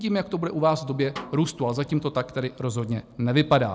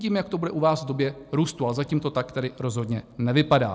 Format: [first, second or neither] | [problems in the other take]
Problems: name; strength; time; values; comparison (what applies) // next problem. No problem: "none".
second | background sound (Snare drum); 19 dB below the speech